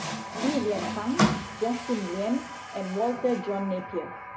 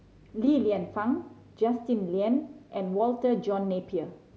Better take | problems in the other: second | background sound (Water tap, faucet); 3 dB below the speech // room echo; dies away in 0.2 s

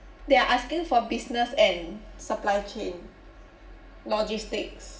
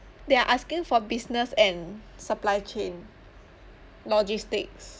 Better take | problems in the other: second | room echo; dies away in 0.7 s

